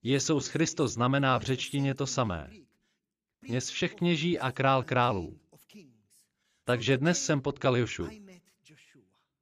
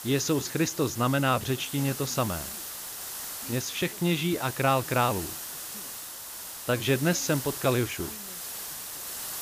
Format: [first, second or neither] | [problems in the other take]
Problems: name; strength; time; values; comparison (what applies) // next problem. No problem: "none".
first | hiss; loud; throughout; 8 dB below the speech